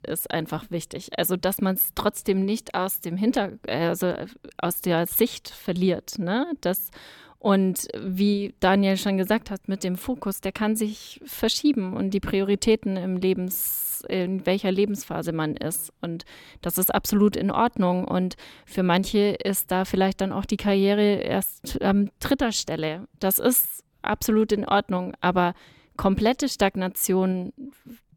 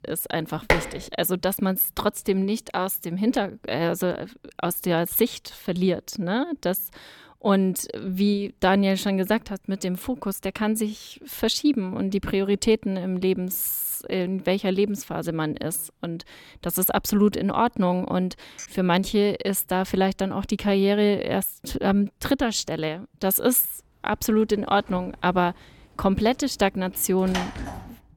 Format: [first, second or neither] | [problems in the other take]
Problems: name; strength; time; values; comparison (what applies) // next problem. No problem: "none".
first | clattering dishes; loud; at 0.5 s; peak 1 dB above the speech // clattering dishes; faint; at 19 s; peak 15 dB below the speech // door banging; noticeable; from 25 s on; peak 7 dB below the speech